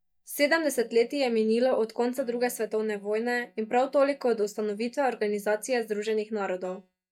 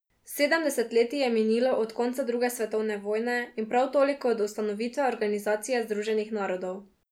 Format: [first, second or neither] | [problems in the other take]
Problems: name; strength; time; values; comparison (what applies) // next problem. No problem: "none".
second | noise reduction (neural mask model DeepFilterNet 3)